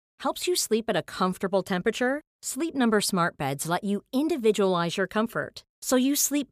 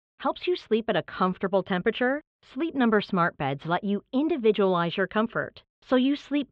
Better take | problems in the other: first | muffled; very; fading above 3.5 kHz

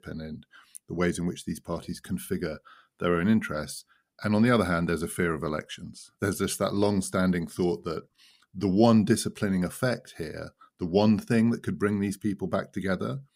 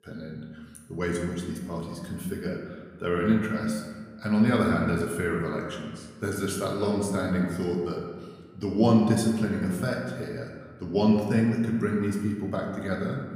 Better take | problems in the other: first | room echo; noticeable; dies away in 1.4 s // off-mic speech; somewhat distant

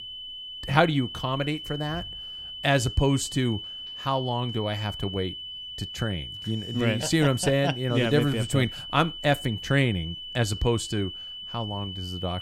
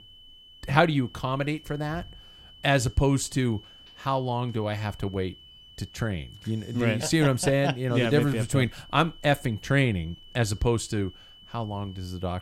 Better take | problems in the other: second | high-pitched whine; loud; throughout; 3 kHz, 9 dB below the speech; faint in the second

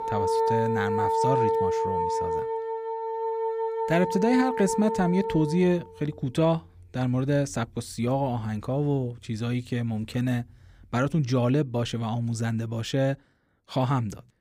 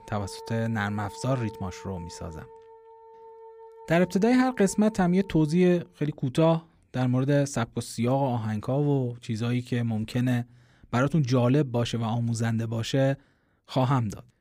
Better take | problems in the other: second | background music; loud; until 11 s; 1 dB below the speech; faint in the second

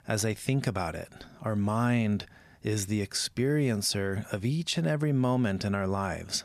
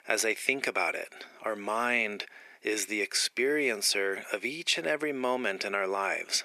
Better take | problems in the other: first | thin; very; fading below 350 Hz

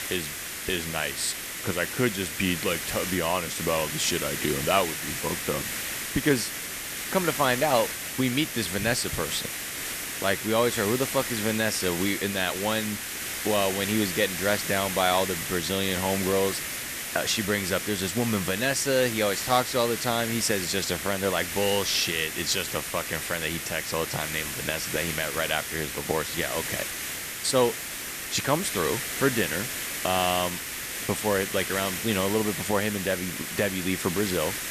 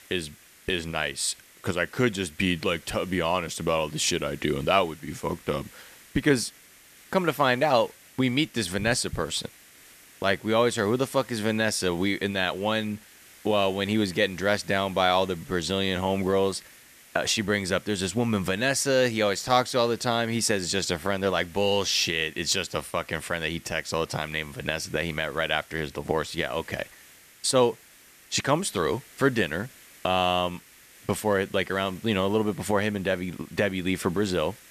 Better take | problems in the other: second | hiss; loud; throughout; 3 dB below the speech; faint in the second

